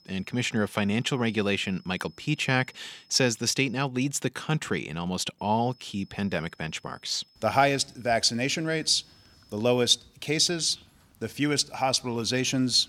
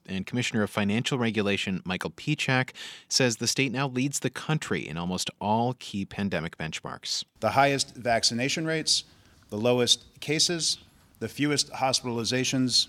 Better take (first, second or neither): second